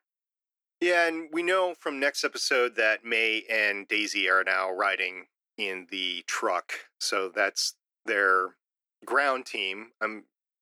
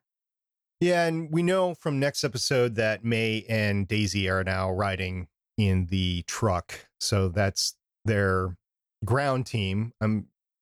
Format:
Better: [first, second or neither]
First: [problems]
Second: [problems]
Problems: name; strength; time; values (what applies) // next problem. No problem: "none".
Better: second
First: thin; very; fading below 300 Hz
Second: none